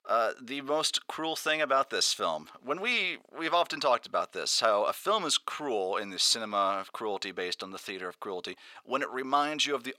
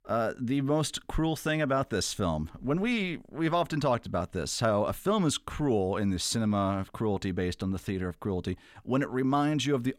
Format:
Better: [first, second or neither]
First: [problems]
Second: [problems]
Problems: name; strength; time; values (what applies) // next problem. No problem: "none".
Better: second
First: thin; very; fading below 600 Hz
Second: none